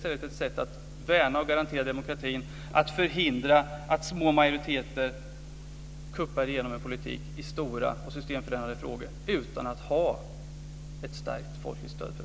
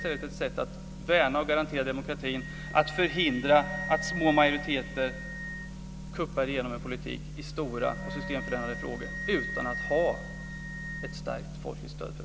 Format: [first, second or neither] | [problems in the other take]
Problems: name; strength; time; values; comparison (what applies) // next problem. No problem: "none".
first | background sound (Wind instrument, woodwind instrument + Wind instrument, woodwind instrument); 10 dB below the speech